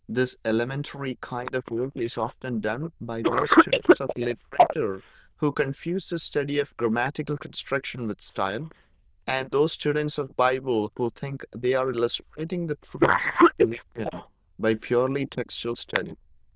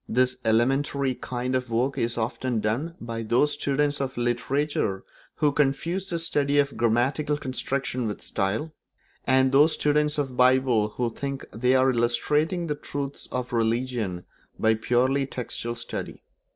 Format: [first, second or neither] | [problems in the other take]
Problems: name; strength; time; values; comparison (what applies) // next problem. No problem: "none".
second | noise reduction (neural diffusion model UNIVERSE++)